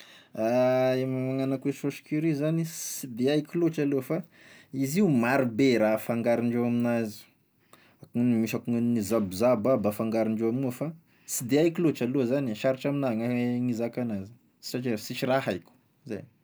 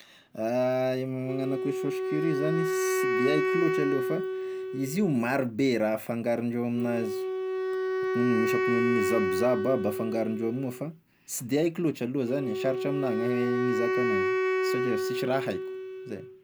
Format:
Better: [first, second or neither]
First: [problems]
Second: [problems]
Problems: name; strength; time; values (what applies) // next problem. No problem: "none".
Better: first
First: none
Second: background sound (Wind instrument, woodwind instrument); as loud as the speech